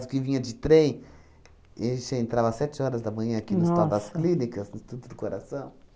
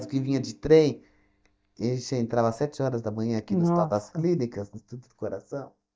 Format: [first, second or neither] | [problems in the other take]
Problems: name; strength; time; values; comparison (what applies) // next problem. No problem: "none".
first | noise reduction (neural mask model DeepFilterNet 3)